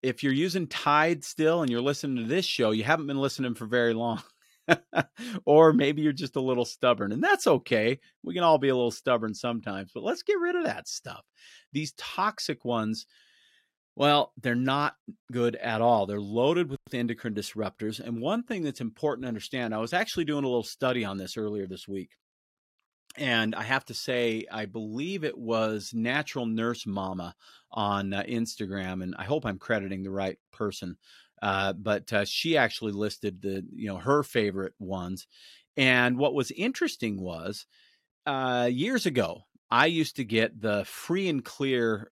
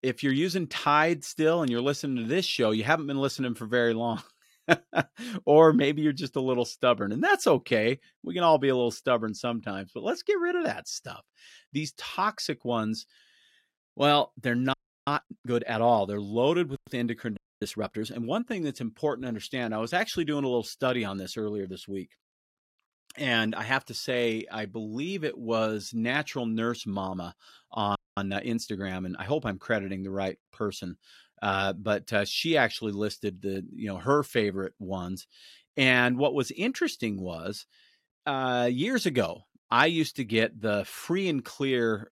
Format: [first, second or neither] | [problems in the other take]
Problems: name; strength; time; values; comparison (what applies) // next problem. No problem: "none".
first | audio freezing; at 15 s, at 17 s and at 28 s